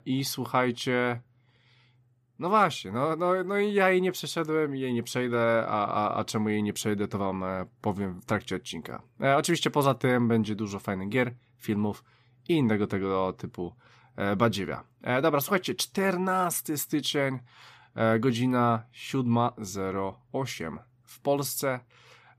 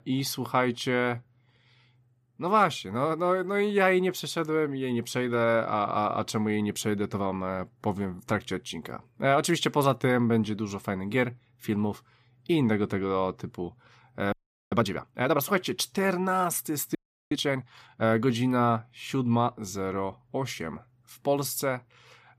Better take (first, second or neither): first